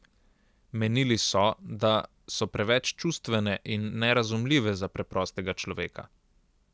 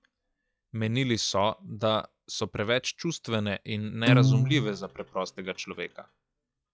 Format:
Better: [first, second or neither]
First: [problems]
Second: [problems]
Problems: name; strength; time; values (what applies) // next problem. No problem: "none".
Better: first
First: none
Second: noise reduction (classical method log-MMSE)